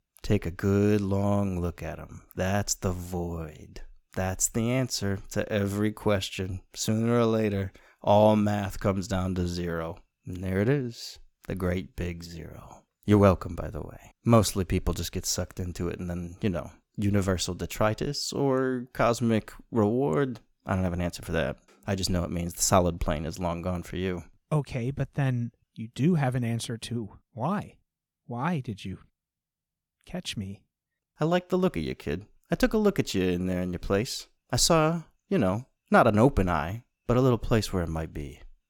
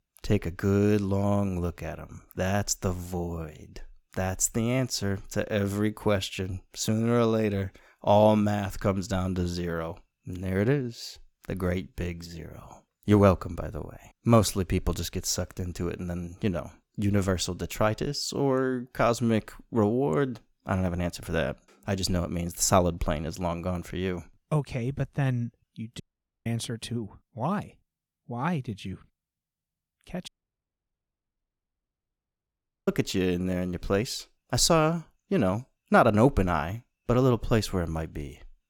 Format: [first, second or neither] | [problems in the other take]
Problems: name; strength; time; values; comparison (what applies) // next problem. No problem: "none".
first | audio cutting out; at 26 s and at 30 s for 2.5 s